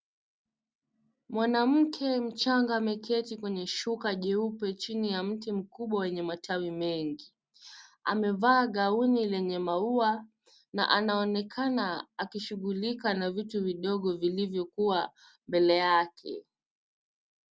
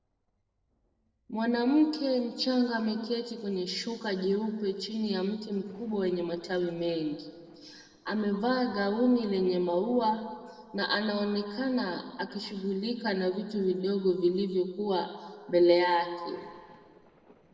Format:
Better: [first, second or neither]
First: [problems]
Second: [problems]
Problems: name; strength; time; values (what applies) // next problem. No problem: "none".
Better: first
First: none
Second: noise reduction (neural separator model SepFormer DNS4)